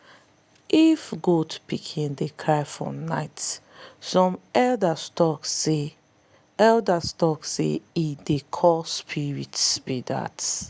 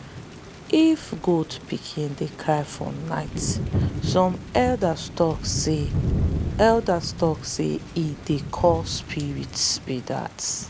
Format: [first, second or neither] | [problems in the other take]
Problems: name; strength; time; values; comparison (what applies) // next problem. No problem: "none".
first | background sound (Thunder / Rain); 5 dB below the speech